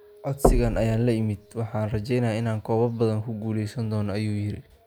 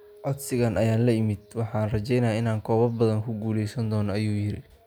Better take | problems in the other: second | background sound (Knock); 3 dB below the speech

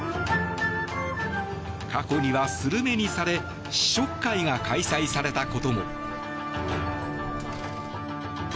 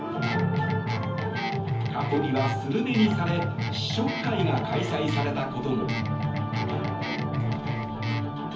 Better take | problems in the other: first | background sound (Guitar); 1 dB below the speech // room echo; dies away in 0.7 s

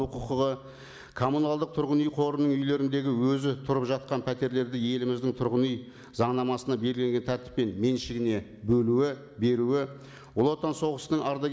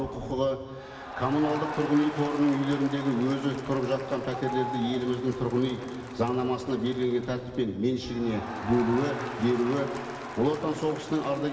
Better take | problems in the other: first | background sound (Crowd); 11 dB below the speech // room echo; dies away in 2.7 s

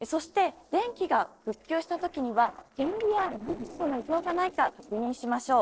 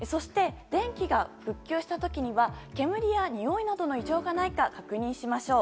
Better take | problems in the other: second | noise reduction (neural separator model SepFormer DNS4)

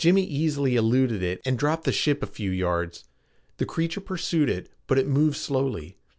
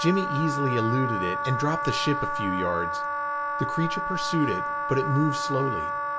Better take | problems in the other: first | background sound (Wind instrument, woodwind instrument); 1 dB below the speech // room echo; dies away in 0.3 s

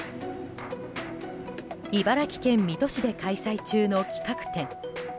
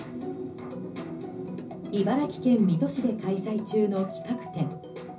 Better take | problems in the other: first | room echo; dies away in 0.5 s

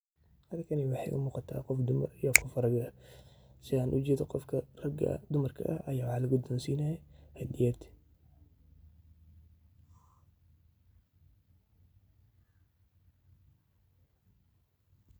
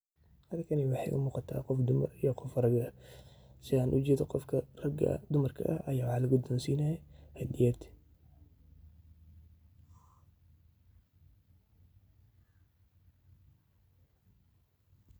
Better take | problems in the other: second | background sound (Finger snapping); 1 dB above the speech

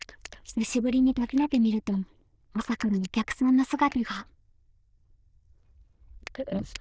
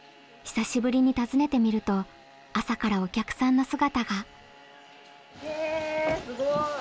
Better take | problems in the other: second | noise reduction (neural diffusion model UNIVERSE++)

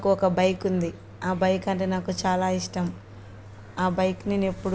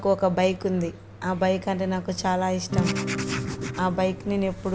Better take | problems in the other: first | background sound (Acoustic guitar / Strum + Writing); 3 dB below the speech

